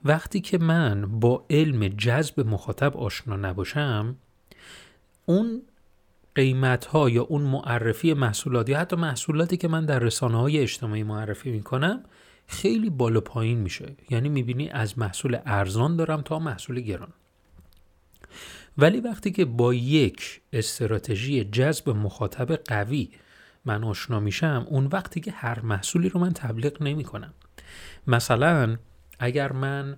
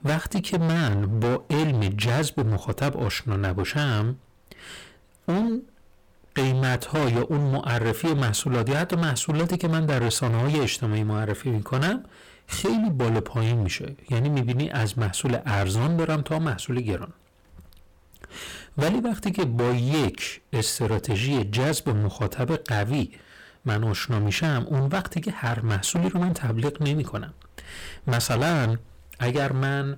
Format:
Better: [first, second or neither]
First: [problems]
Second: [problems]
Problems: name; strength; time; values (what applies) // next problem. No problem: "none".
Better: first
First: none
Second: distortion; heavy; 24% of the sound clipped